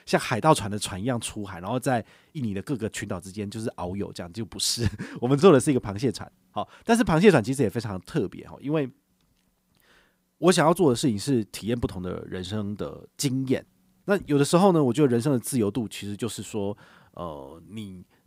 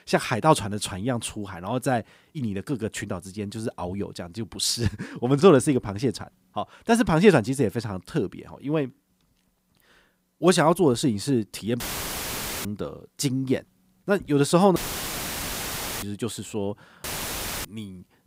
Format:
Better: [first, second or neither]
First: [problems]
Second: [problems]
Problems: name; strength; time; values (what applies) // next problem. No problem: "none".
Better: first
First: none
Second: audio cutting out; filled with static; at 12 s for 1 s, at 15 s for 1.5 s and at 17 s for 0.5 s